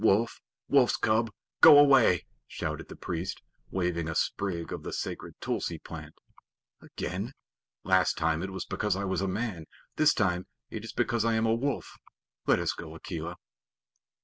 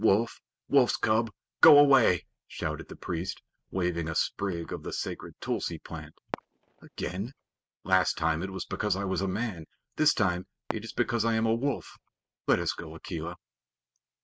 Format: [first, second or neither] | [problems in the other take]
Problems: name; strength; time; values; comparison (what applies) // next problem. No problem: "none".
first | noise reduction (neural mask model RNNoise)